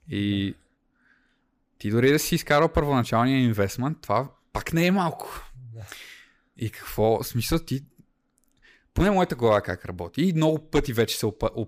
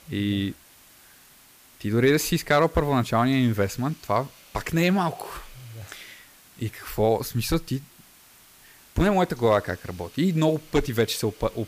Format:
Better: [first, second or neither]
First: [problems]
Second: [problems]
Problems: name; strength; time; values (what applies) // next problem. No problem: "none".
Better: first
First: none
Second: hiss; faint; throughout; 25 dB below the speech